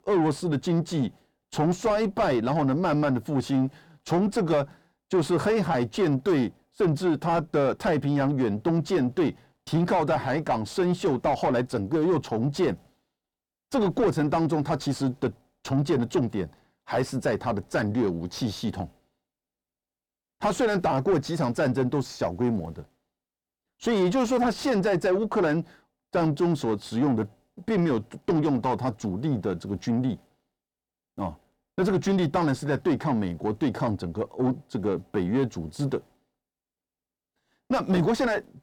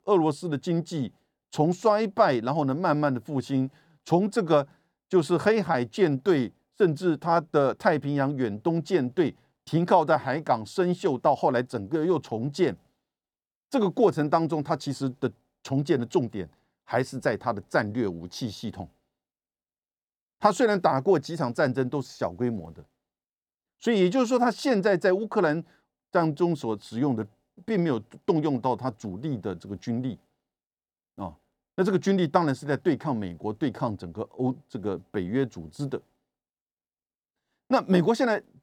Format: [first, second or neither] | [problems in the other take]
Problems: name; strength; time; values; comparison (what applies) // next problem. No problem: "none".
second | distortion; heavy; 7 dB below the speech